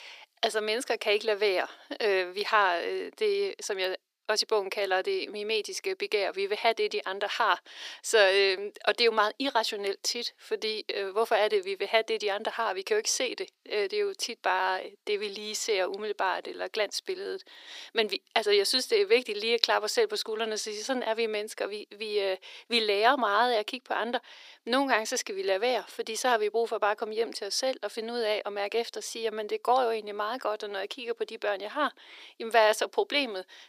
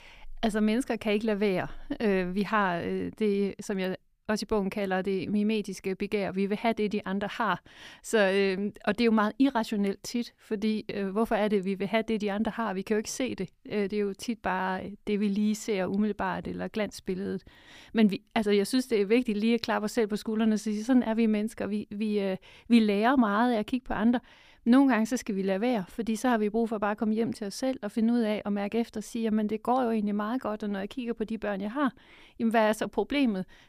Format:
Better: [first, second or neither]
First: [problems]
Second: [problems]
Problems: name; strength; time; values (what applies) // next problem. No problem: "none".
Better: second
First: thin; very; fading below 350 Hz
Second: none